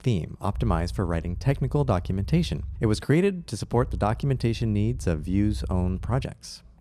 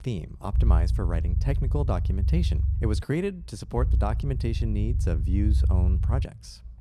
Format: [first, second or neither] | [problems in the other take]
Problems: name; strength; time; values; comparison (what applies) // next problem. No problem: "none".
first | low rumble; loud; throughout; 9 dB below the speech; faint in the first